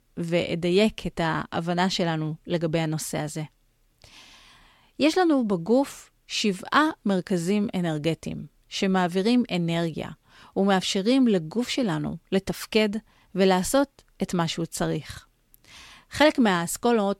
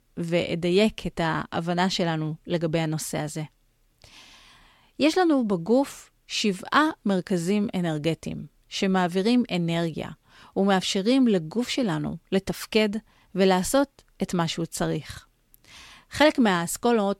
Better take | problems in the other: neither | none

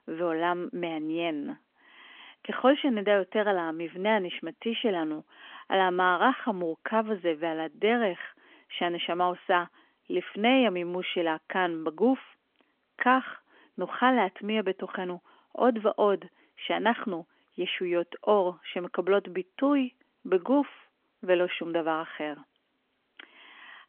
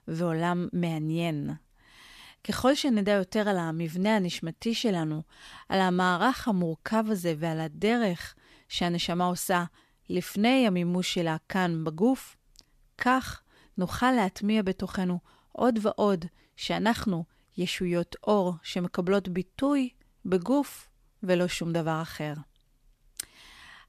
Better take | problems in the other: second | phone-call audio; nothing above 3.5 kHz

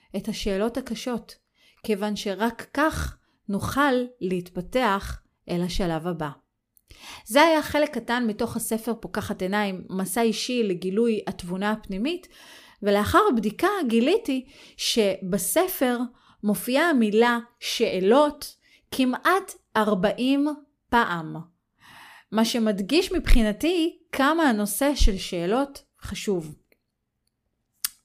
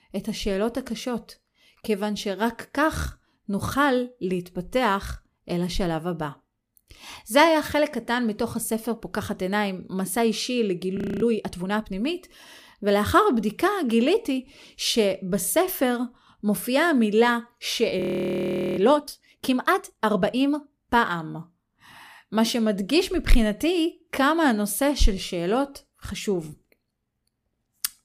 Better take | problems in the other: first | audio freezing; at 11 s and at 18 s for 1 s

